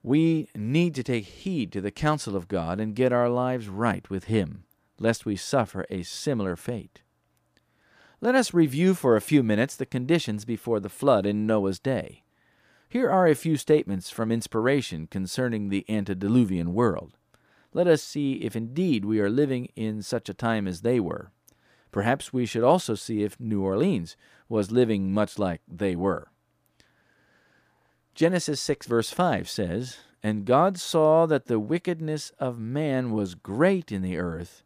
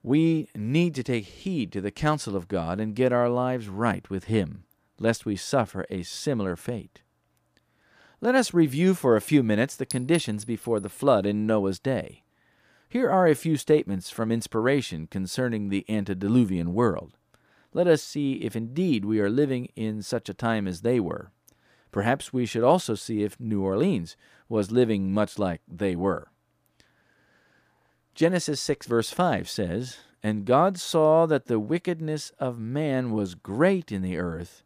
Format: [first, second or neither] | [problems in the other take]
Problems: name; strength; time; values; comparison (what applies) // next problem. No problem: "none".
first | clattering dishes; faint; at 10 s; peak 10 dB below the speech